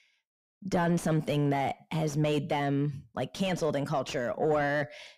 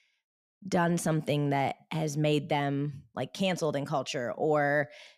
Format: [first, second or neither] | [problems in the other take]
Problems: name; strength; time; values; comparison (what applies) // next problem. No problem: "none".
second | distortion; slight; 10 dB below the speech